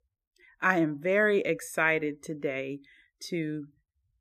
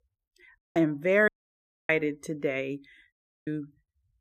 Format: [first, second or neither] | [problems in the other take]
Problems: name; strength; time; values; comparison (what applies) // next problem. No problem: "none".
first | audio cutting out; at 0.5 s, at 1.5 s for 0.5 s and at 3 s